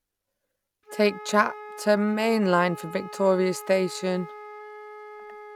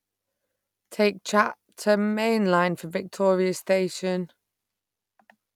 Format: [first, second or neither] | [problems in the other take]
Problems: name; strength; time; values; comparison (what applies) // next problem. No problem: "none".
second | background sound (Wind instrument, woodwind instrument); 15 dB below the speech